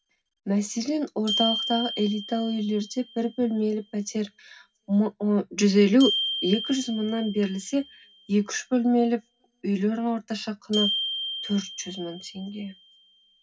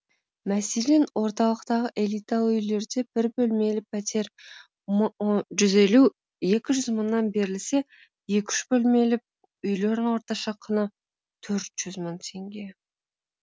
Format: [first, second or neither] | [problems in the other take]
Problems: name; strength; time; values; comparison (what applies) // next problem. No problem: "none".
second | background sound (Glockenspiel); 9 dB below the speech // room echo; dies away in 0.4 s